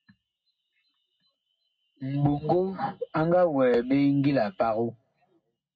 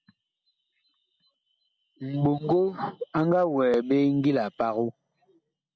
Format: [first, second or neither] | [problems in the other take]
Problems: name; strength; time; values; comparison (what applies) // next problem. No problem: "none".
second | room echo; dies away in 0.3 s